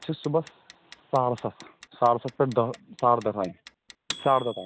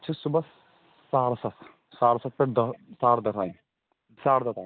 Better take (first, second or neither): second